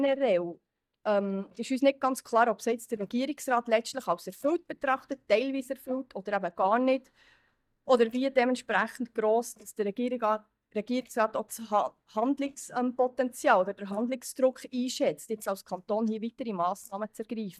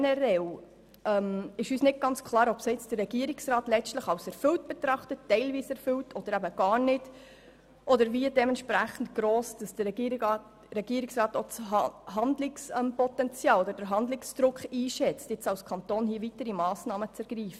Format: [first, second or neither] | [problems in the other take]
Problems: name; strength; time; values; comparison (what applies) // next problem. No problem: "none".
second | noise reduction (neural mask model DeepFilterNet 3)